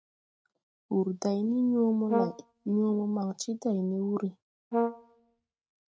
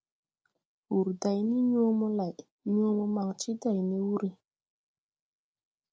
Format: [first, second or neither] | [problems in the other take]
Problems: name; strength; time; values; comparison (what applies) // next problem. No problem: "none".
second | noise reduction (neural mask model RNNoise)